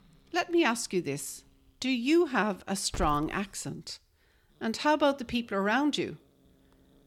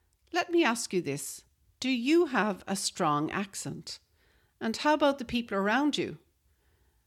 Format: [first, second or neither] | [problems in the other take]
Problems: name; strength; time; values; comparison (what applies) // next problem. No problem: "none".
second | hiss; noticeable; throughout; 15 dB below the speech